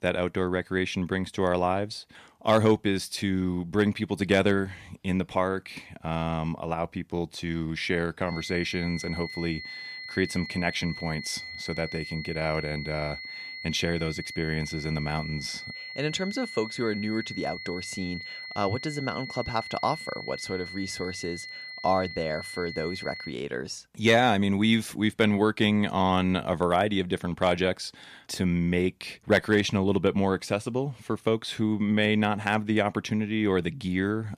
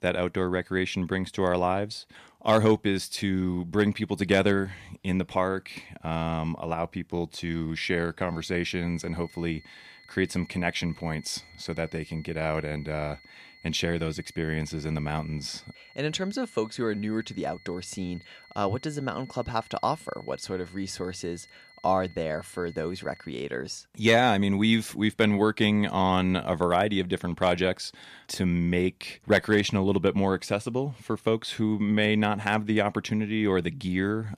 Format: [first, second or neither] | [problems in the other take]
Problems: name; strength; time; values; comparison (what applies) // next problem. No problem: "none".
second | high-pitched whine; loud; from 8.5 to 23 s; 2 kHz, 9 dB below the speech; faint in the second